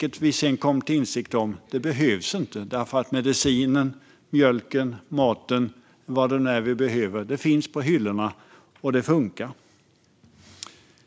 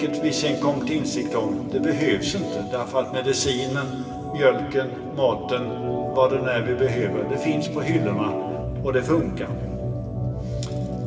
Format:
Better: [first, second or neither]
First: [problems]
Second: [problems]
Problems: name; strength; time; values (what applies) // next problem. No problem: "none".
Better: first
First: none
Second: background sound (Organ); 3 dB below the speech // room echo; dies away in 2 s